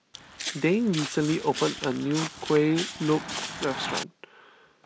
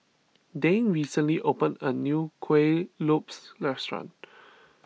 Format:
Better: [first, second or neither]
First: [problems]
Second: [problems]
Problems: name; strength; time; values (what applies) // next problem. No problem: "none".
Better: second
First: background sound (Walk, footsteps); 8 dB below the speech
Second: none